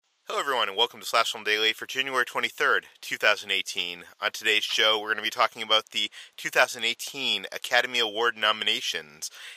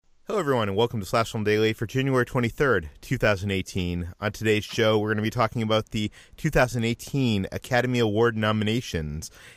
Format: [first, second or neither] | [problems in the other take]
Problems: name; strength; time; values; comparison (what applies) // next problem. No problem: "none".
second | thin; very; fading below 800 Hz